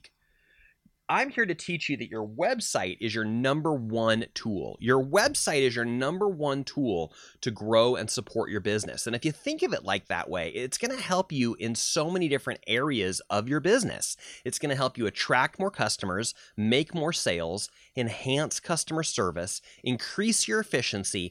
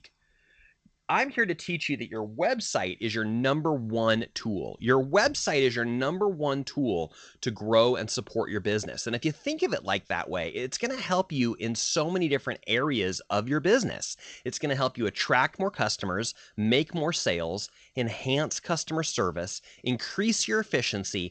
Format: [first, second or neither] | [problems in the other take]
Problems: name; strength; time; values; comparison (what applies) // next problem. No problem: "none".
first | garbled, watery; slightly; nothing above 7.5 kHz